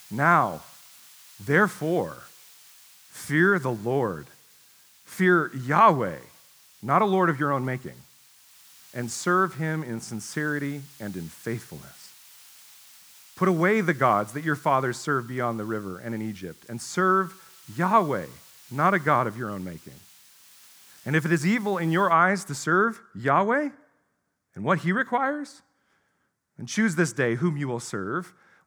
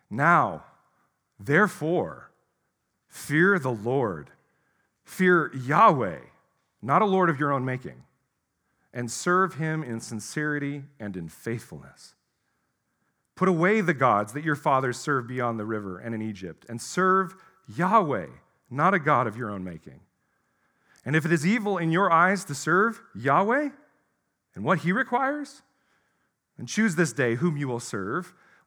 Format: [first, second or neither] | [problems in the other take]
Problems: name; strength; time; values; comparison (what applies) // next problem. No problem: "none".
second | hiss; faint; until 22 s; 25 dB below the speech